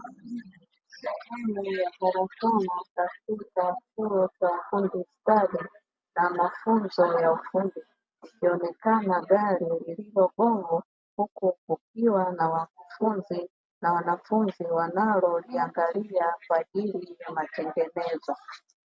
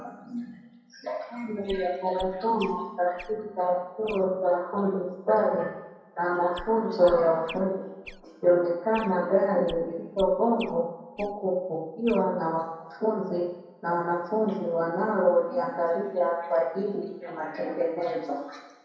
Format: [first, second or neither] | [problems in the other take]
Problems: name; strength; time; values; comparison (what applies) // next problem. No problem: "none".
first | background sound (Chirp, tweet); 19 dB below the speech // room echo; dies away in 0.9 s